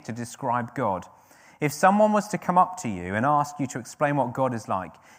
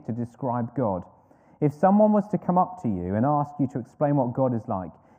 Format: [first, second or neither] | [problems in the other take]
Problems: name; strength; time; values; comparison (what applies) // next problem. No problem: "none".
first | muffled; very; fading above 1.5 kHz